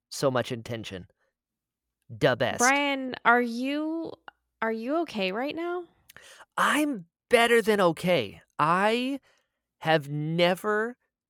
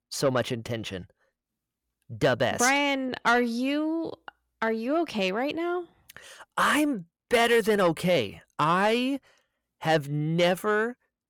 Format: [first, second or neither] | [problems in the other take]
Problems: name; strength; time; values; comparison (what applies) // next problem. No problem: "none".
first | distortion; slight; 10 dB below the speech